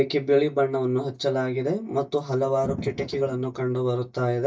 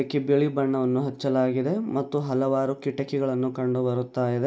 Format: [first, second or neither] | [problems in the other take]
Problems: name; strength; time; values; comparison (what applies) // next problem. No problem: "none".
second | noise reduction (neural mask model DeepFilterNet 3)